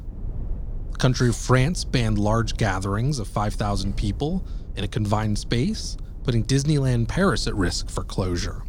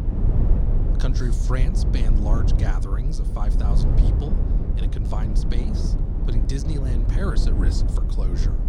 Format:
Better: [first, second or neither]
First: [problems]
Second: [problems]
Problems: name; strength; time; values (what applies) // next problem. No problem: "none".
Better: first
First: low rumble; faint; throughout; 25 dB below the speech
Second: low rumble; loud; throughout; 1 dB below the speech